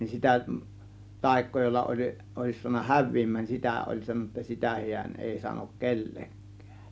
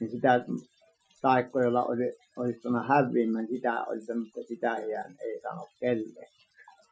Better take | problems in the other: first | noise reduction (classical method Wiener filter)

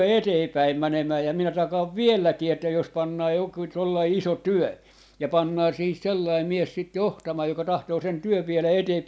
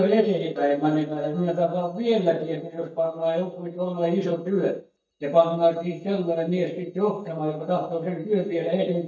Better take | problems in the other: first | noise reduction (neural mask model DeepFilterNet 3)

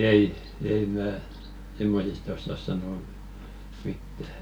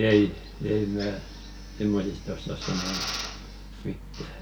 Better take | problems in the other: first | background sound (Drill); 12 dB below the speech

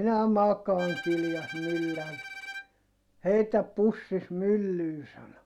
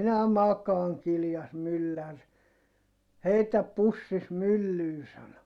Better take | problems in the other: second | background sound (Bowed string instrument); 13 dB below the speech

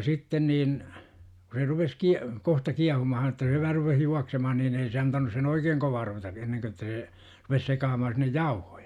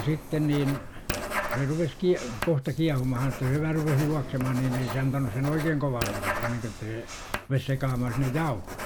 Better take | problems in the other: first | background sound (Writing); 8 dB below the speech

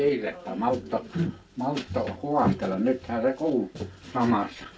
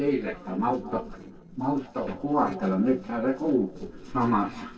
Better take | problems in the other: first | noise reduction (neural separator model SepFormer DNS4)

